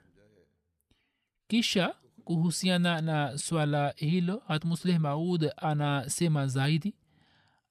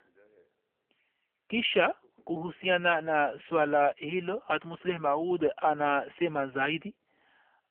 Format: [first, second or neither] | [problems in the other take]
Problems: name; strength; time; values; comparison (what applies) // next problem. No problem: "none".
first | phone-call audio; poor line; nothing above 3 kHz